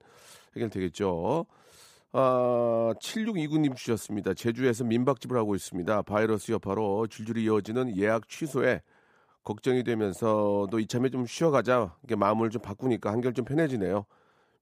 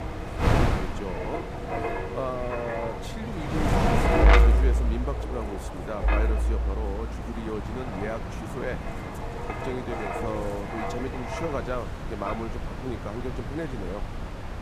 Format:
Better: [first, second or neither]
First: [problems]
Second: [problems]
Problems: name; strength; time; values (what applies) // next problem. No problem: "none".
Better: first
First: none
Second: wind noise on the microphone; heavy; 4 dB above the speech